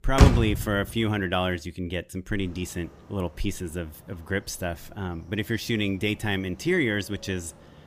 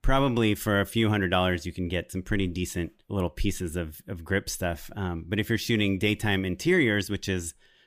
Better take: second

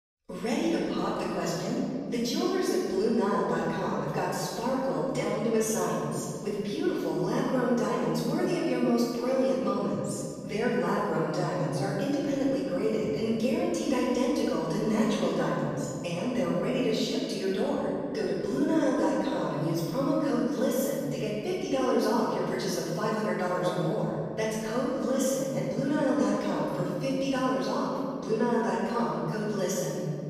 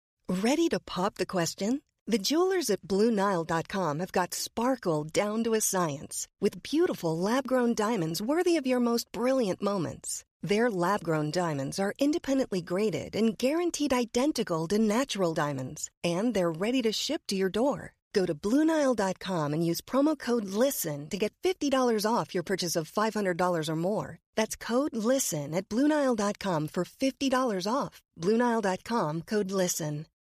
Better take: second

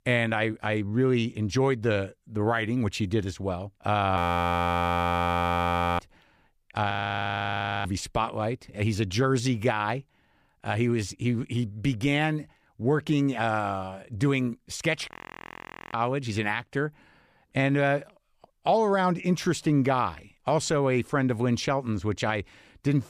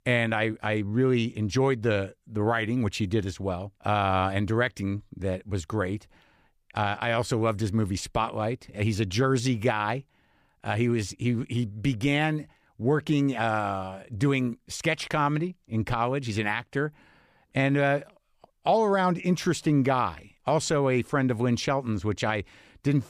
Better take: second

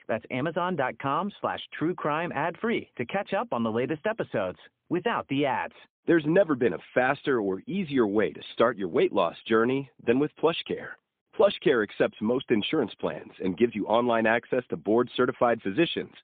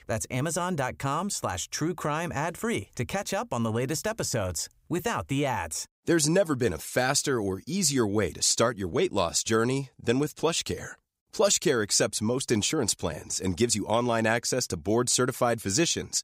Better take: second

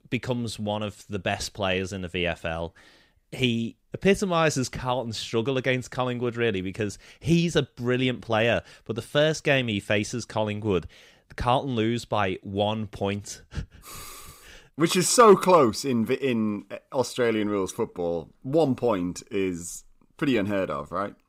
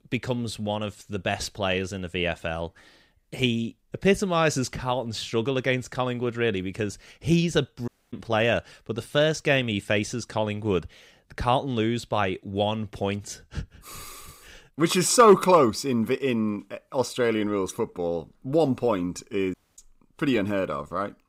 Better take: first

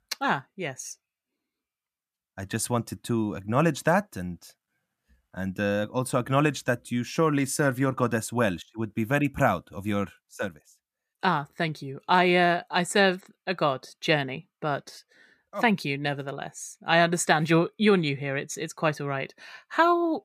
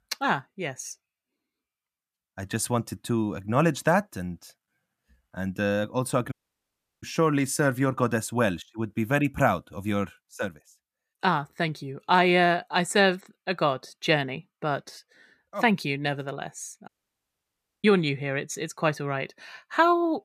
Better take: first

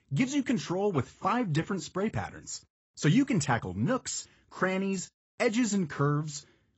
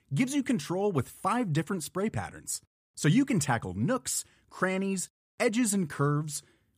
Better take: second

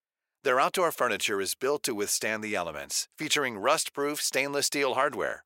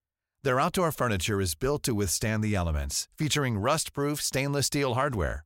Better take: second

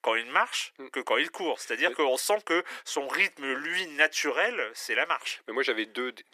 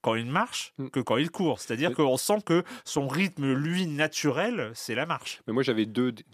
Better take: second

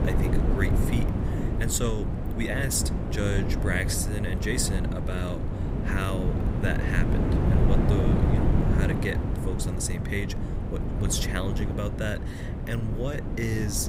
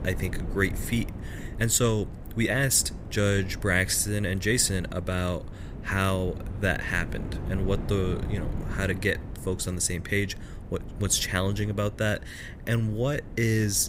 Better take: second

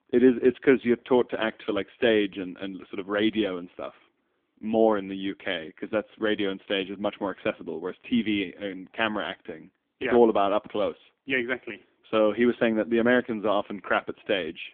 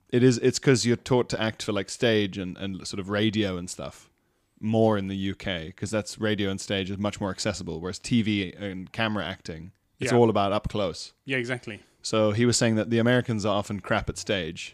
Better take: second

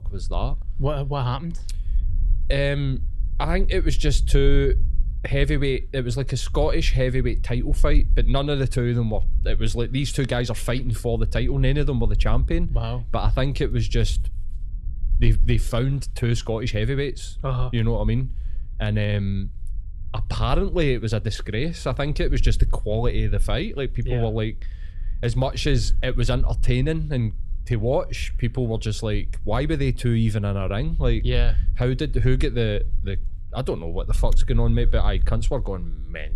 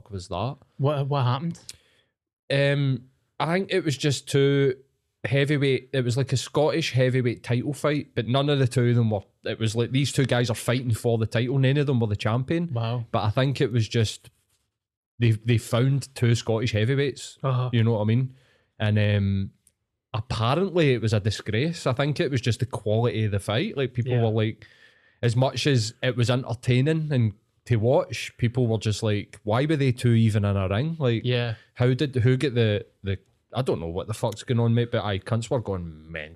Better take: second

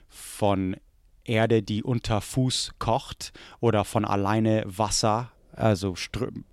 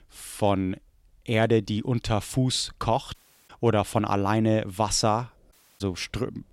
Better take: first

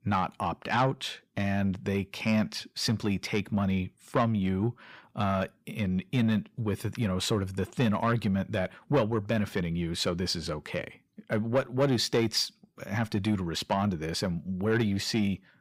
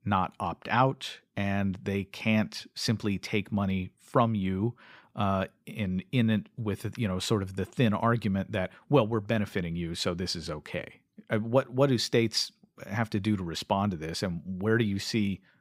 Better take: second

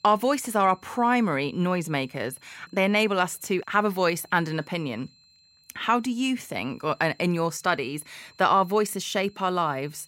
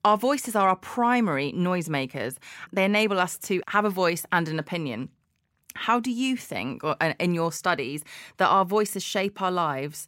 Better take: second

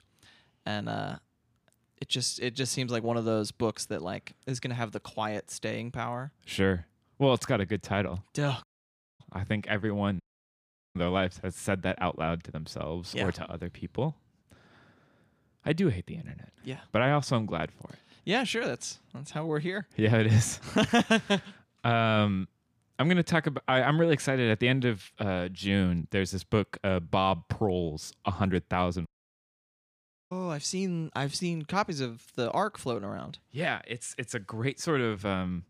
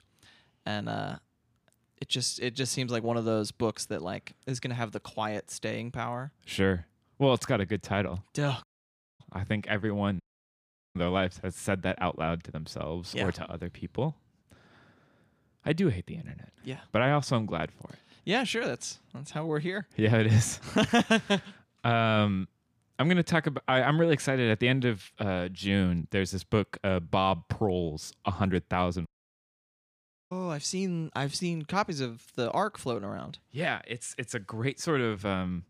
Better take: neither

